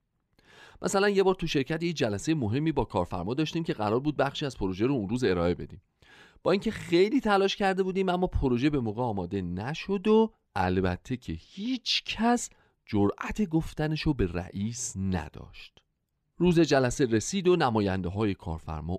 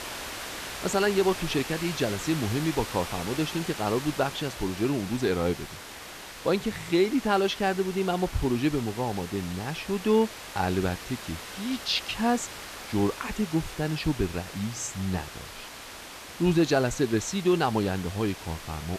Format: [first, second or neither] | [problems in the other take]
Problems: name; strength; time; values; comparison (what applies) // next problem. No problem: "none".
first | hiss; noticeable; throughout; 10 dB below the speech